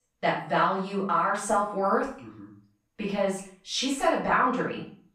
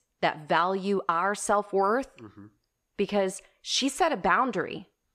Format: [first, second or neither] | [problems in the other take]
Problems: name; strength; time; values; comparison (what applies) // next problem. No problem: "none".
second | room echo; noticeable; dies away in 0.4 s // off-mic speech; far